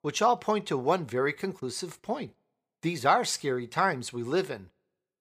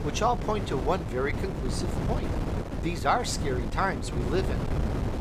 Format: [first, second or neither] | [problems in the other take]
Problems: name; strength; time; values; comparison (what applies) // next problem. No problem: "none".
first | wind noise on the microphone; heavy; 8 dB below the speech